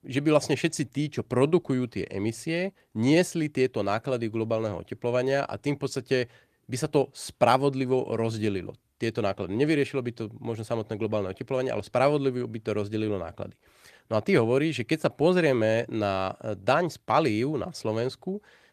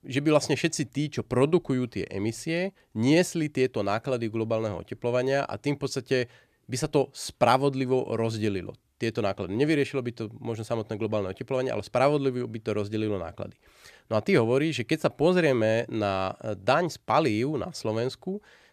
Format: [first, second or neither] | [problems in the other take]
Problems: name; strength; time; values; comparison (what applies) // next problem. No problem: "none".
second | garbled, watery; slightly; nothing above 14.5 kHz